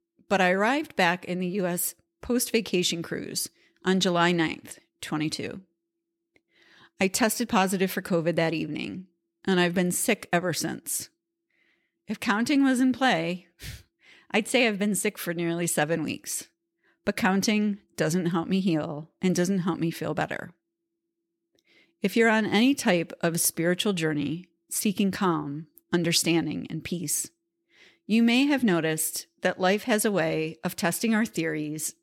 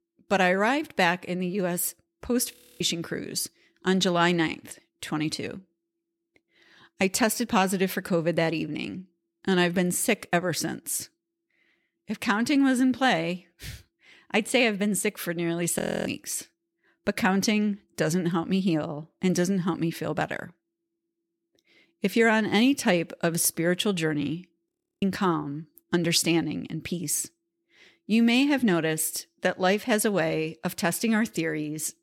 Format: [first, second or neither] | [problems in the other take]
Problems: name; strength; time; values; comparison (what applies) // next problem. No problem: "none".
first | audio freezing; at 2.5 s, at 16 s and at 25 s